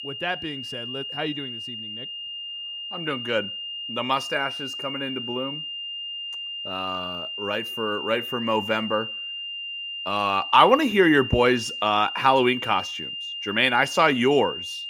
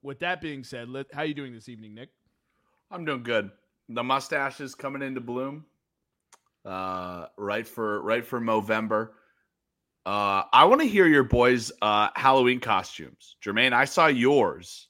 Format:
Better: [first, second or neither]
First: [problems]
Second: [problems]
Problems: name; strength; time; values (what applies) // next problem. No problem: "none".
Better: second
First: high-pitched whine; loud; throughout; 3 kHz, 8 dB below the speech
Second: none